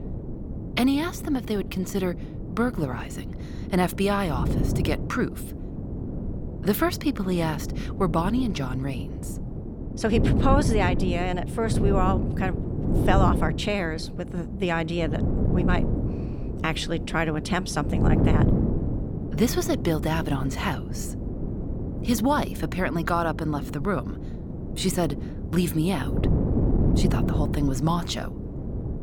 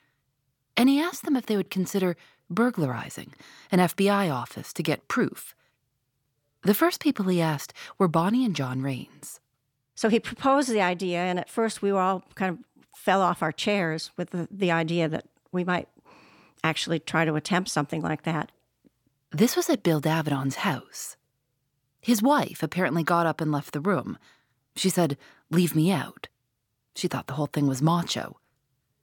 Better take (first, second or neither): second